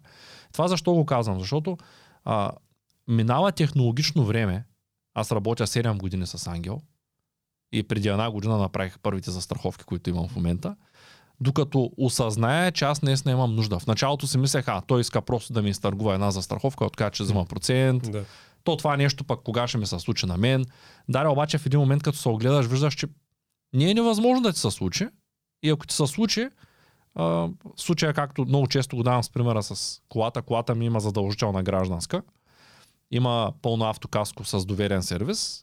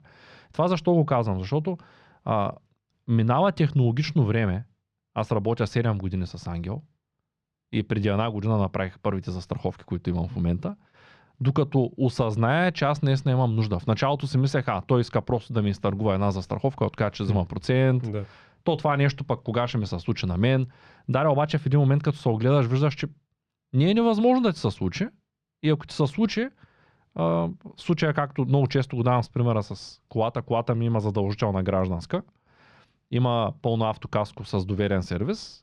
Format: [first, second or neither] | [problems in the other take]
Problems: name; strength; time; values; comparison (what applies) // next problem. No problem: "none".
first | muffled; slightly; fading above 3 kHz